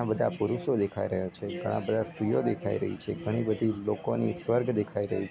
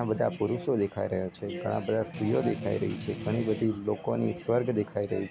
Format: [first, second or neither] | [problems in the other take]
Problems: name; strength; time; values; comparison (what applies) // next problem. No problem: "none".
first | background sound (Strum); 9 dB below the speech